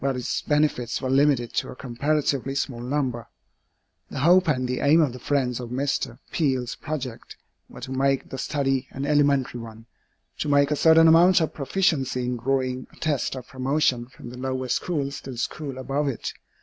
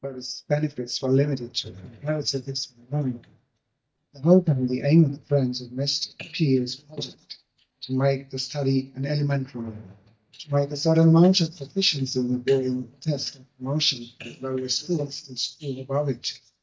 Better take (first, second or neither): first